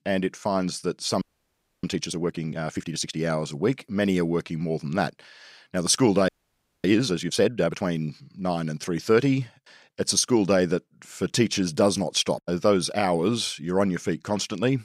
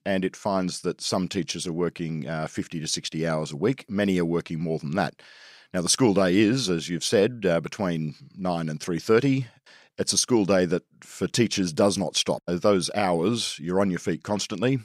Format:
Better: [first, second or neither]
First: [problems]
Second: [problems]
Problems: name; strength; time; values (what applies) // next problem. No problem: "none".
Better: second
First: audio freezing; at 1 s for 0.5 s and at 6.5 s for 0.5 s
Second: none